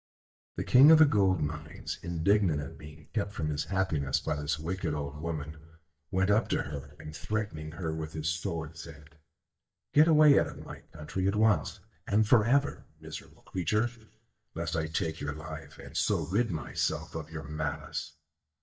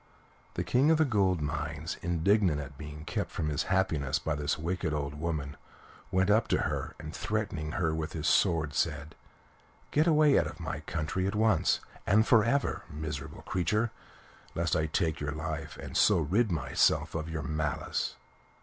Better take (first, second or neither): second